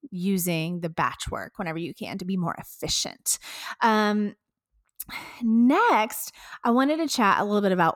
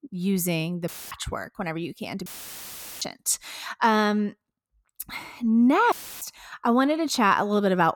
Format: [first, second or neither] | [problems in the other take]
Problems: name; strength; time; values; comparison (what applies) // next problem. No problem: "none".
first | audio cutting out; filled with static; at 1 s, at 2.5 s for 1 s and at 6 s